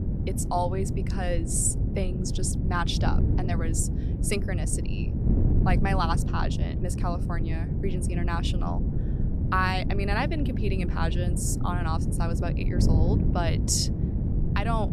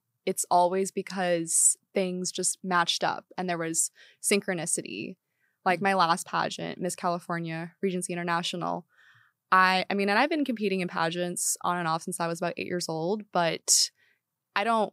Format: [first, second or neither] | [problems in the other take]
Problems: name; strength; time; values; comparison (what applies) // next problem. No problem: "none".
second | wind noise on the microphone; heavy; 7 dB below the speech